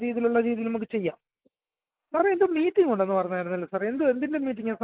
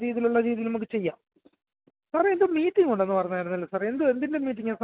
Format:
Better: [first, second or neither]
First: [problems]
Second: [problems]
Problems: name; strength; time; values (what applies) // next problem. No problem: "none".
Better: second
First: noise reduction (neural mask model Resemble Enhance denoiser)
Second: none